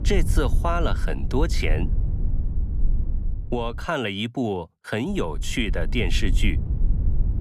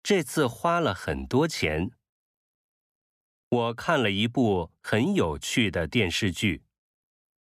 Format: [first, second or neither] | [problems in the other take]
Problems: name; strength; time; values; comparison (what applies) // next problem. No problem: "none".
second | low rumble; noticeable; until 4 s and from 5 s on; 15 dB below the speech